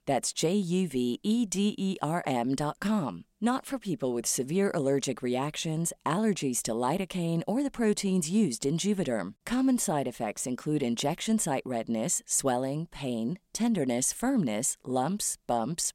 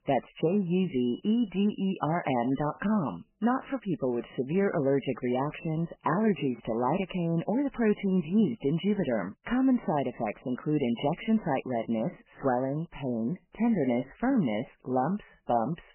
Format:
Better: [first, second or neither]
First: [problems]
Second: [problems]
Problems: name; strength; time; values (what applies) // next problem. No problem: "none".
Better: first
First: none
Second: garbled, watery; badly; nothing above 3 kHz